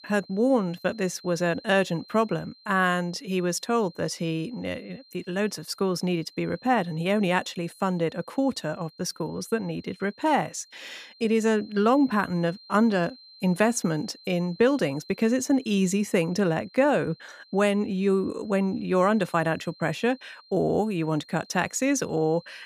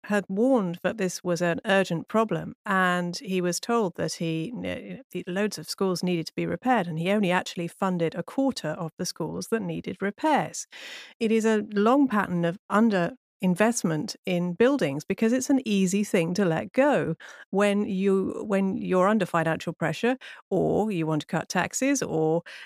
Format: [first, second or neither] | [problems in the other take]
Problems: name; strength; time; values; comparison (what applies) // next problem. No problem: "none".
second | high-pitched whine; faint; throughout; 4 kHz, 25 dB below the speech